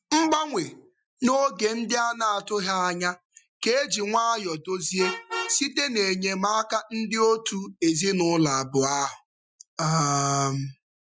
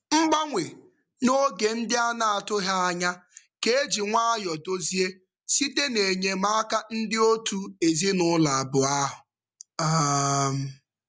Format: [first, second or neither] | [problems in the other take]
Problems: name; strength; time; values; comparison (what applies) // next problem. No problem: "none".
second | noise reduction (classical method Wiener filter)